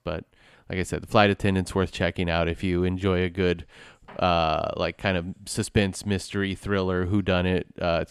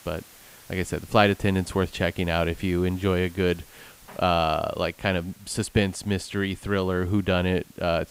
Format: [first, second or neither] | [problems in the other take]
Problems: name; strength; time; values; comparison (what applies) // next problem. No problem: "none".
first | hiss; faint; throughout; 25 dB below the speech